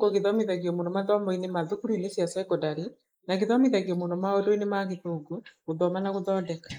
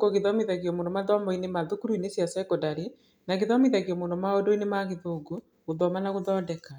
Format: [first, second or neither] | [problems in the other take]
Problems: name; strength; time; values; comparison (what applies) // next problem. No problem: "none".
second | noise reduction (neural mask model Resemble Enhance denoiser)